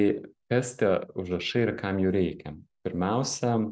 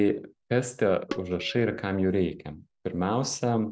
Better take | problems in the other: first | background sound (Tabla); 13 dB below the speech

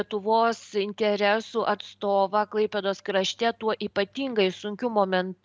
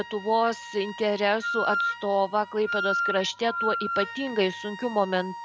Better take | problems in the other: first | background sound (Wind instrument, woodwind instrument); 5 dB below the speech

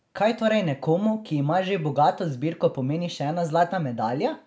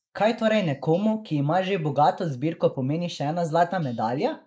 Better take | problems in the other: first | noise reduction (neural mask model Resemble Enhance denoiser)

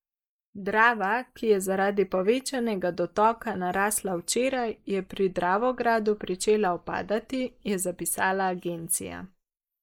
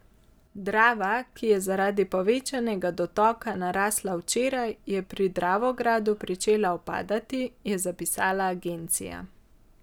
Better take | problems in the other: second | noise reduction (neural mask model Resemble Enhance denoiser)

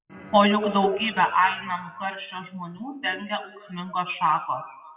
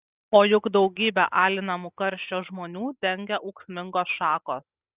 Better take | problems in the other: second | noise reduction (classical method WPE with log-MMSE)

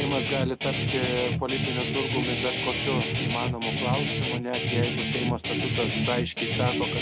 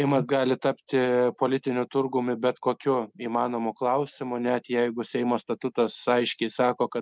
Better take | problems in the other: second | background sound (Guitar); 3 dB above the speech

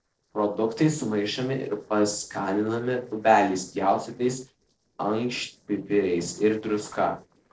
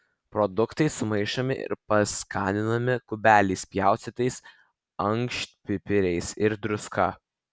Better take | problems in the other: second | noise reduction (neural separator model SepFormer DNS4)

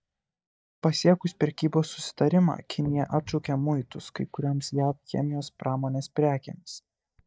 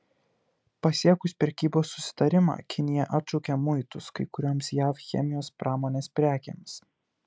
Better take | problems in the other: second | noise reduction (neural mask model DeepFilterNet 3)

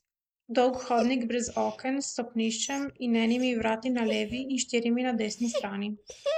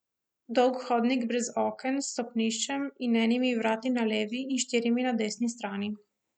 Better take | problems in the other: second | noise reduction (neural mask model Resemble Enhance denoiser)

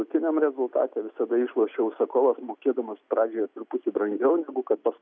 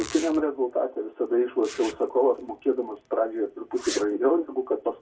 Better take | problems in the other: first | background sound (Zipper (clothing)); 18 dB below the speech // room echo; dies away in 0.2 s

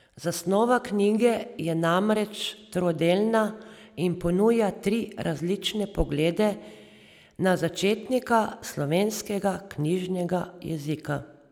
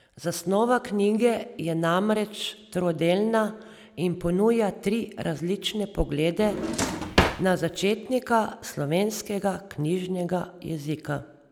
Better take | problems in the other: first | background sound (Drawer open or close); 1 dB below the speech

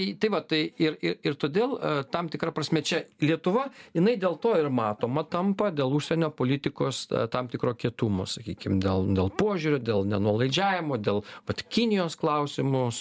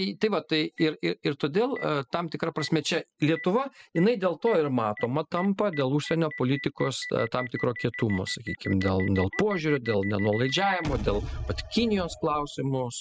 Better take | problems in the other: first | noise reduction (classical method spectral subtraction)

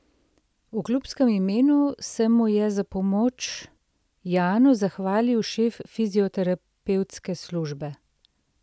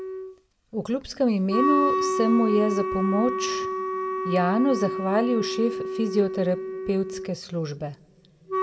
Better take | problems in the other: first | background sound (Wind instrument, woodwind instrument); 3 dB below the speech // room echo; dies away in 1.2 s

